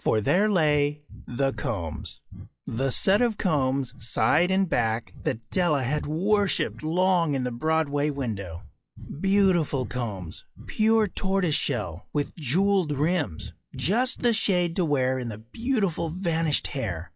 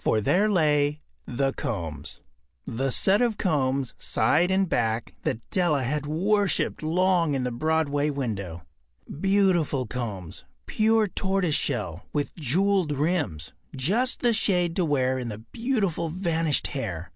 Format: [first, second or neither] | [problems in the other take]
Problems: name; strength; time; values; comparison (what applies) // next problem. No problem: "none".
second | noise reduction (classical method log-MMSE)